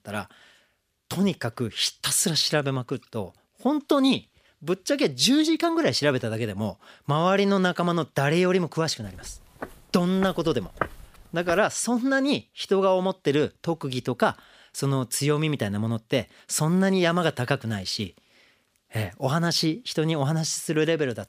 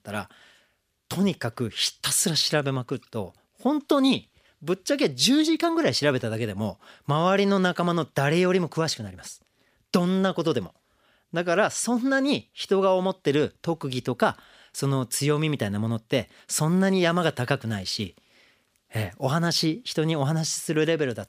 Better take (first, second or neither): second